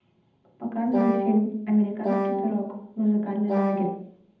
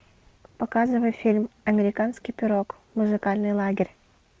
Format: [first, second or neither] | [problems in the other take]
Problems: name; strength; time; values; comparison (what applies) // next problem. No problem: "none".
second | background sound (Wind instrument, woodwind instrument); 1 dB below the speech // room echo; dies away in 0.8 s